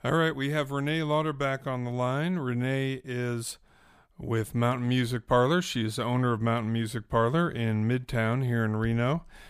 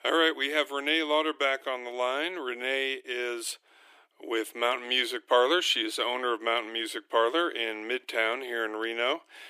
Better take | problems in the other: first | thin; very; fading below 300 Hz

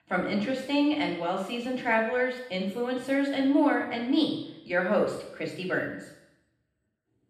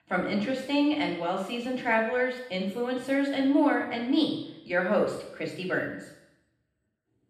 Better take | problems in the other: neither | room echo; noticeable; dies away in 0.8 s; the same in both // off-mic speech; far; the same in both

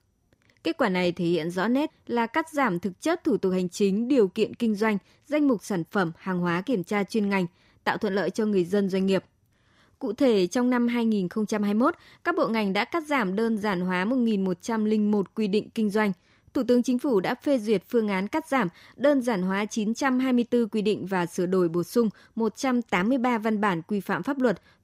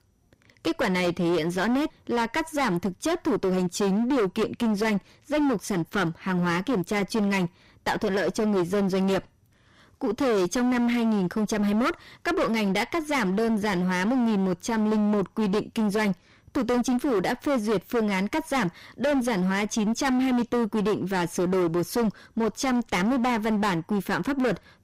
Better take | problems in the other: first | distortion; heavy; 24% of the sound clipped

